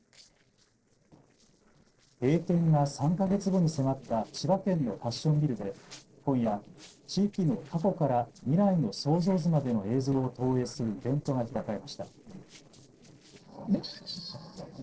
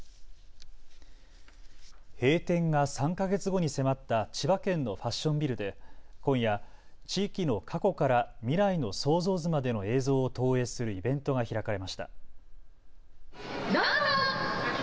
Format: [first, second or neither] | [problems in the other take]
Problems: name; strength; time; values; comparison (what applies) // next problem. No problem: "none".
second | noise reduction (neural separator model SepFormer DNS4)